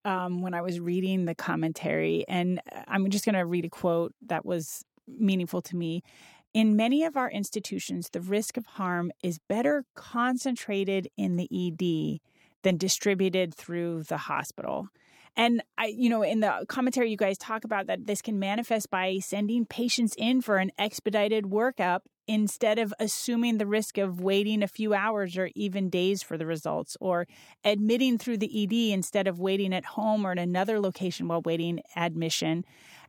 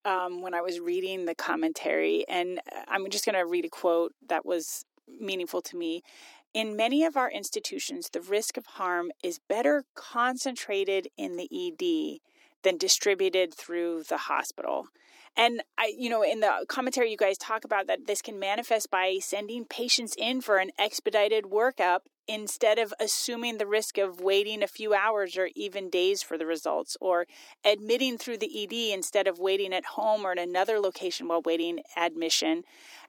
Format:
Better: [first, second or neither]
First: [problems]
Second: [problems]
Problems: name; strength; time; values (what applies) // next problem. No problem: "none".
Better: first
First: none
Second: thin; somewhat; fading below 300 Hz